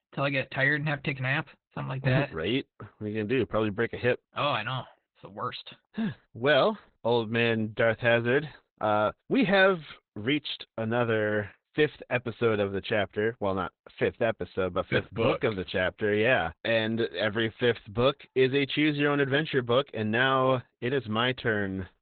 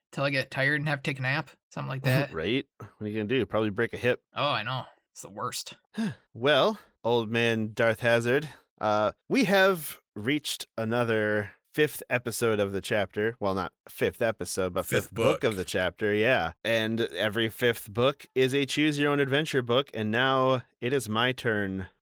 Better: second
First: garbled, watery; badly; nothing above 4 kHz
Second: garbled, watery; slightly; nothing above 19 kHz

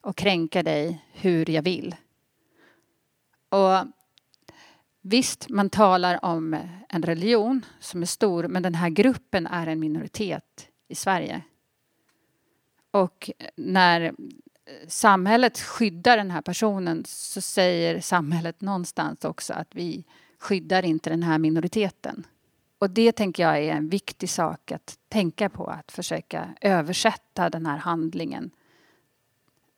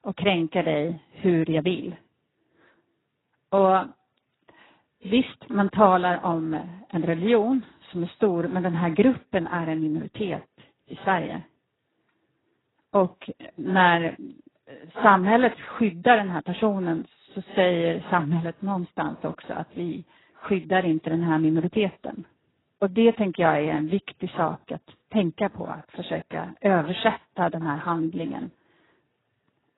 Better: first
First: none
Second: garbled, watery; badly; nothing above 4 kHz

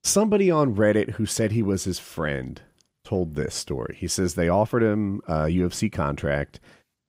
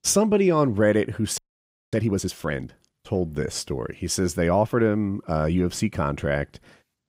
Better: first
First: none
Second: audio freezing; at 1.5 s for 0.5 s

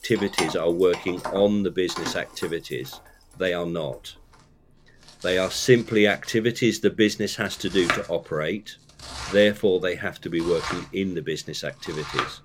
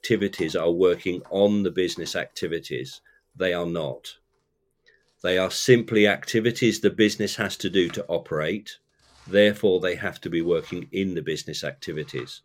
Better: second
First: household noises; loud; throughout; 9 dB below the speech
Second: household noises; faint; throughout; 30 dB below the speech

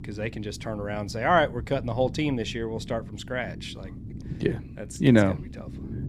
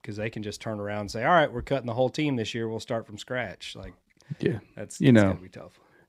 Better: second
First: low rumble; faint; throughout; 20 dB below the speech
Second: none

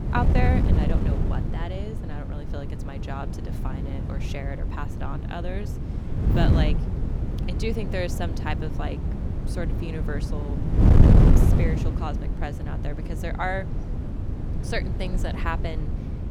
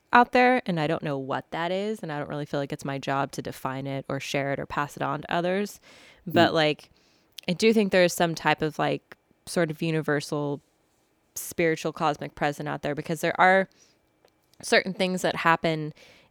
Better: second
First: wind noise on the microphone; heavy; 2 dB below the speech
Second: none

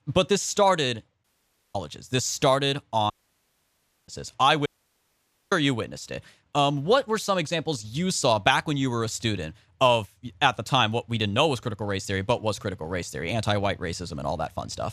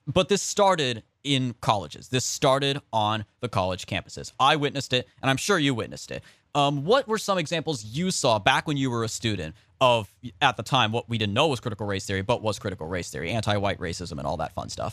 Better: second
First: audio cutting out; at 1 s for 0.5 s, at 3 s for 1 s and at 4.5 s for 1 s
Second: none

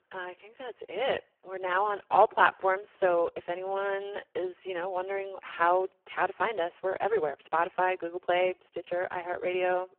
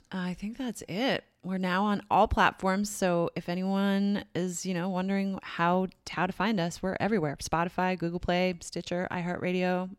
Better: second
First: phone-call audio; poor line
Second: none

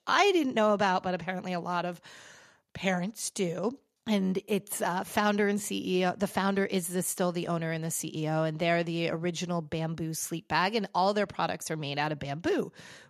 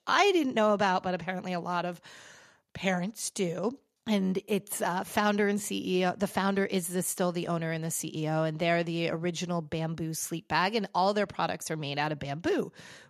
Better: neither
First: none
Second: none

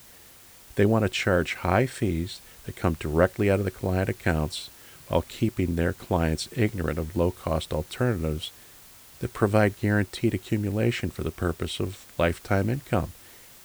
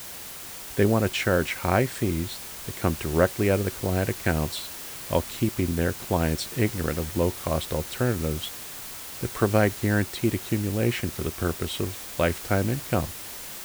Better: first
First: hiss; faint; throughout; 20 dB below the speech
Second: hiss; loud; throughout; 9 dB below the speech

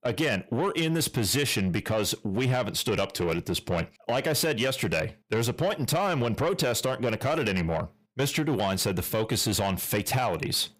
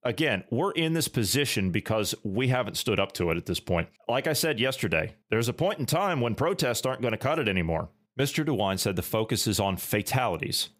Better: second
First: distortion; slight; 10 dB below the speech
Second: none

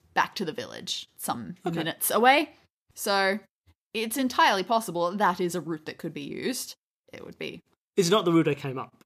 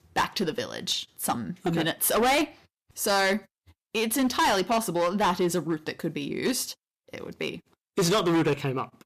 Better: first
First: none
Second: distortion; heavy; 10% of the sound clipped

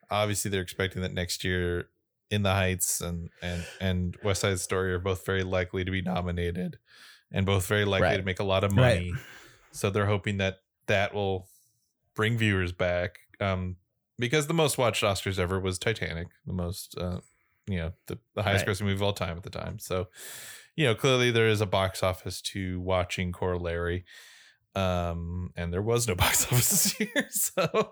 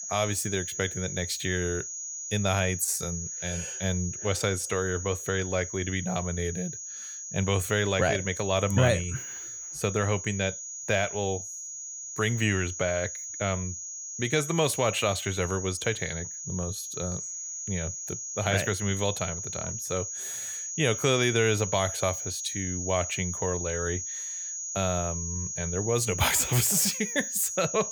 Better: first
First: none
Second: high-pitched whine; loud; throughout; 6.5 kHz, 5 dB below the speech

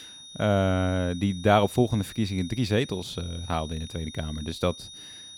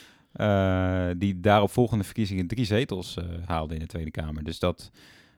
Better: second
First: high-pitched whine; noticeable; throughout; 3.5 kHz, 15 dB below the speech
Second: none

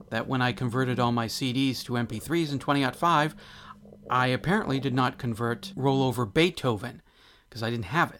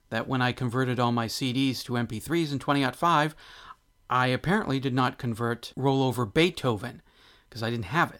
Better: second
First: low rumble; faint; until 6.5 s; 25 dB below the speech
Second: none

